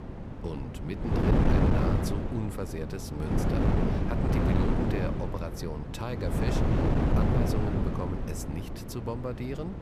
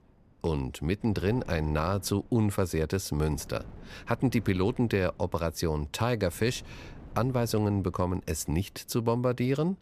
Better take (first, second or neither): second